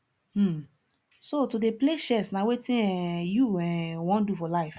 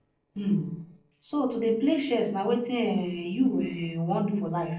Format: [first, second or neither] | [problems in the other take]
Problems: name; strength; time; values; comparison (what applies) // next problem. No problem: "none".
first | noise reduction (neural separator model SepFormer DNS4)